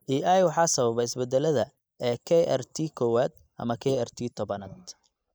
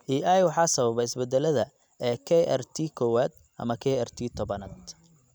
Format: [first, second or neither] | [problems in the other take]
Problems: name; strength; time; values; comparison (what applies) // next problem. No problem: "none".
second | noise reduction (neural mask model Resemble Enhance denoiser)